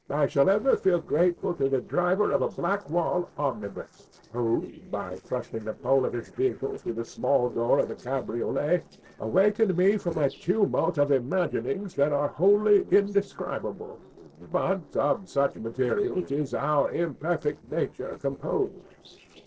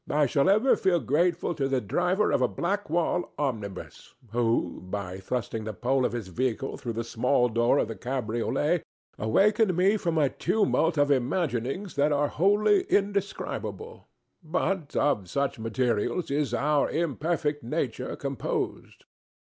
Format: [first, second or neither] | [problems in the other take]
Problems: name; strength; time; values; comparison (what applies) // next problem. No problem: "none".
second | noise reduction (neural separator model SepFormer DNS4)